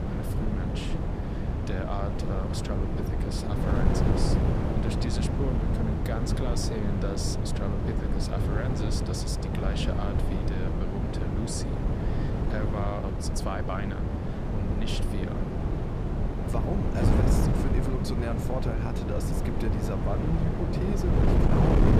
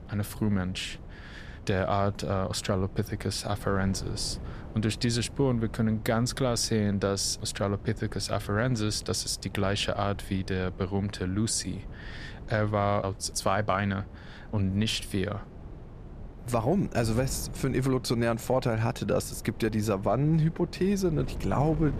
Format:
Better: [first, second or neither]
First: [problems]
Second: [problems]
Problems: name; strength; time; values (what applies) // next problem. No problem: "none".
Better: second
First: wind noise on the microphone; heavy; 2 dB above the speech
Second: wind noise on the microphone; occasional gusts; 20 dB below the speech